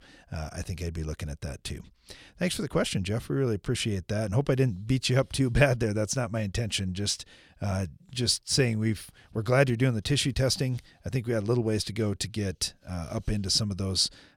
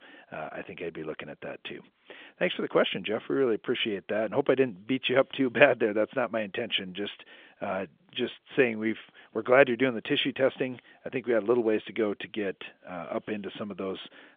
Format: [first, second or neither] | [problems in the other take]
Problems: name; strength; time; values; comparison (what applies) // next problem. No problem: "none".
first | phone-call audio; nothing above 3.5 kHz